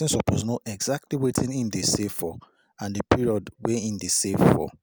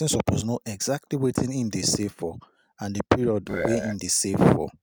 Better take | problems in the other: first | noise reduction (neural mask model RNNoise)

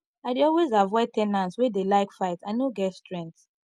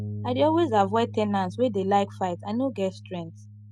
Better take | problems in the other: first | background sound (Bass guitar); 12 dB below the speech

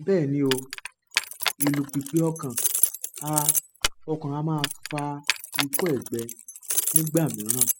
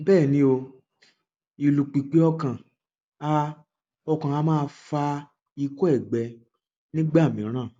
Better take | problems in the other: second | noise reduction (classical method spectral subtraction)

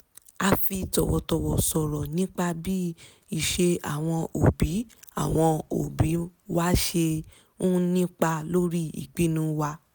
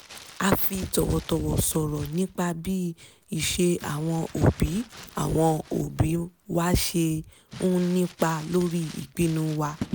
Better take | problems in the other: first | background sound (Crumpling, crinkling); 18 dB below the speech

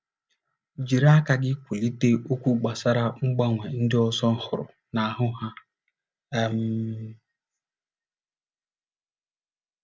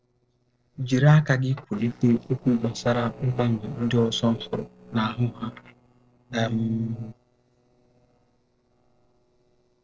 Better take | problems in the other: first | noise reduction (neural separator model SepFormer DNS4)

